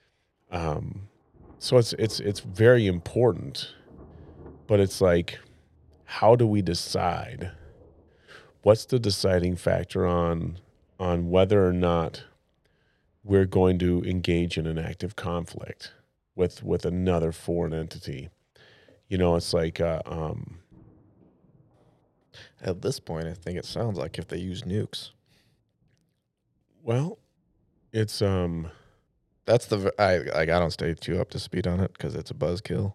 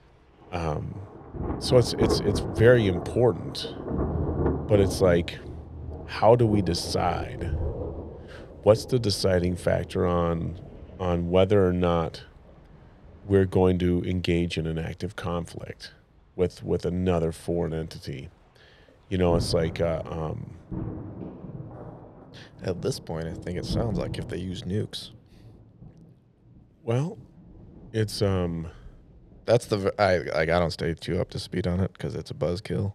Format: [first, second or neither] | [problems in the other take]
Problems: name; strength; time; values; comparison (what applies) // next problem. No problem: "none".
first | rain or running water; loud; throughout; 8 dB below the speech; faint in the first